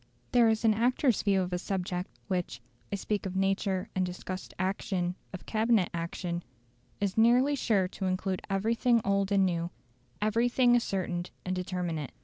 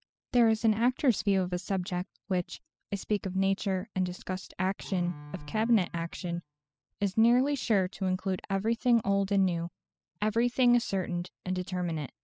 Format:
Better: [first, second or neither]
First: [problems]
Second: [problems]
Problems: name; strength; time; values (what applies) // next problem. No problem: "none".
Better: first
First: none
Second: noise reduction (classical method spectral subtraction)